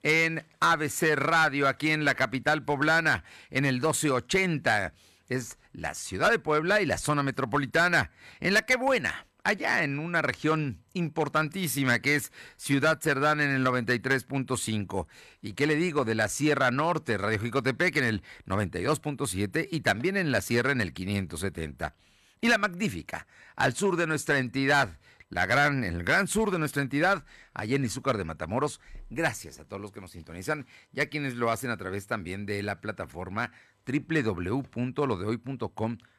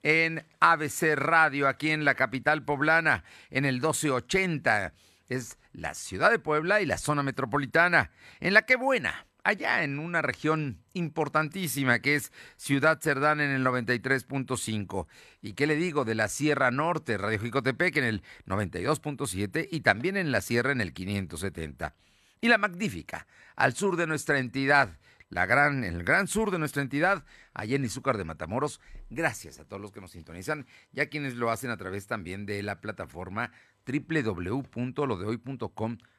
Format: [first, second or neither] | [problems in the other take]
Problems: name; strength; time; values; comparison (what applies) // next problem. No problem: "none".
second | distortion; slight; 3% of the sound clipped